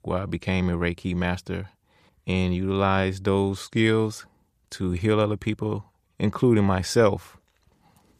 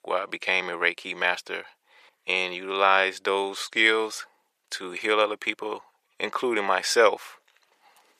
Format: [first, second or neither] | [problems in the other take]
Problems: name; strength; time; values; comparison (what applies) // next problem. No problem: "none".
first | thin; very; fading below 450 Hz